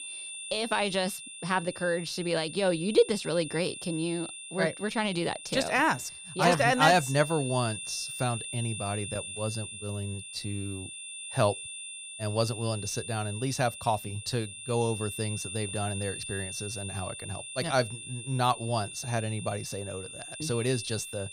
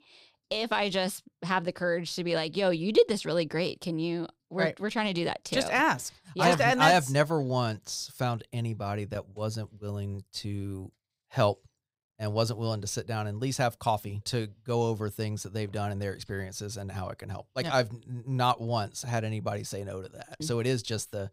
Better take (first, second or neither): second